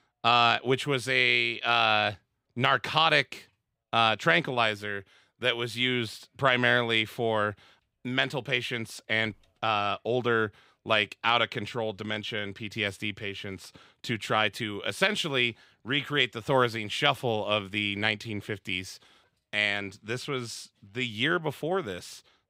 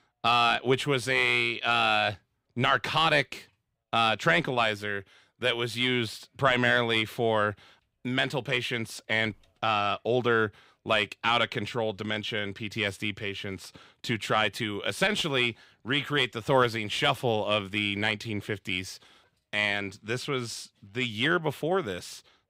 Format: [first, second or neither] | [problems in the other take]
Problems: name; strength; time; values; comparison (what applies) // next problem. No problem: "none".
first | distortion; slight; 10 dB below the speech